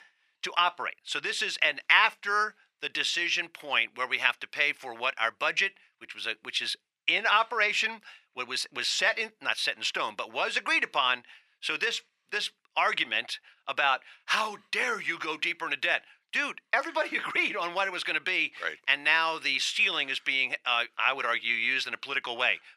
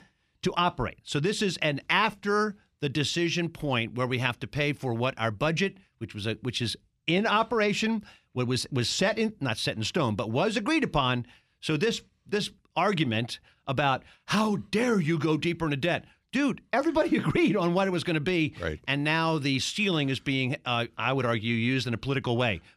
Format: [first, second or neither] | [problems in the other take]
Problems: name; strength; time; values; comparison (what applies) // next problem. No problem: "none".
second | thin; very; fading below 700 Hz